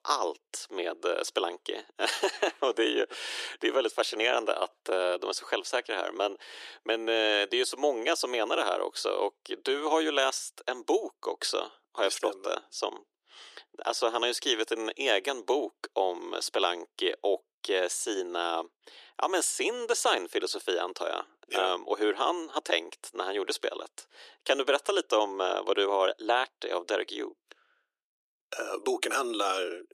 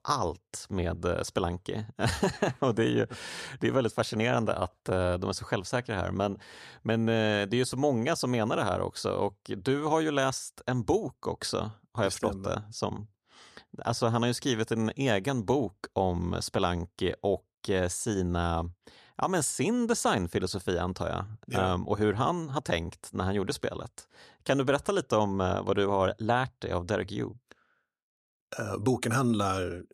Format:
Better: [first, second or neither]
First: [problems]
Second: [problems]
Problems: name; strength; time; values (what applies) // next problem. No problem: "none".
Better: second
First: thin; very; fading below 300 Hz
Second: none